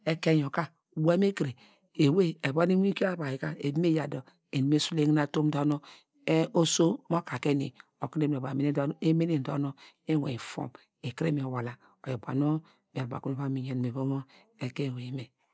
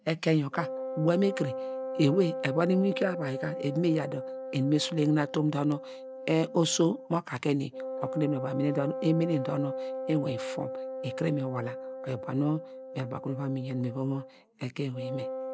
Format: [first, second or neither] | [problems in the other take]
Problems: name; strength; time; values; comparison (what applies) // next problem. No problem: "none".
first | background sound (Wind instrument, woodwind instrument); 8 dB below the speech